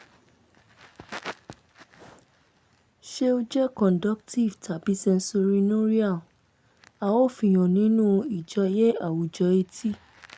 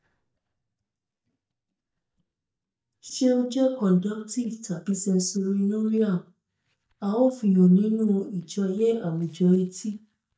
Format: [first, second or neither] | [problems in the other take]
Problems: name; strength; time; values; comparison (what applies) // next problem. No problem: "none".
first | noise reduction (neural mask model DeepFilterNet 3)